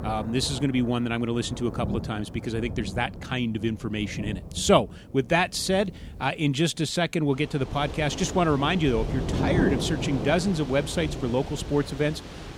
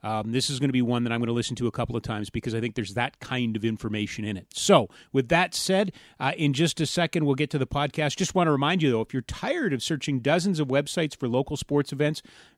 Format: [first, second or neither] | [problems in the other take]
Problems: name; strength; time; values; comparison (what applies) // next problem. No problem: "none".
second | rain or running water; loud; throughout; 8 dB below the speech